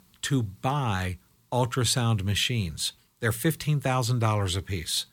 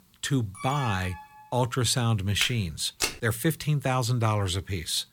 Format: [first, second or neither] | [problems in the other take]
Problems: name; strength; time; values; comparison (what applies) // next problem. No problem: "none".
first | alarm; noticeable; at 0.5 s; peak 9 dB below the speech // footsteps; noticeable; at 2.5 s; peak 2 dB below the speech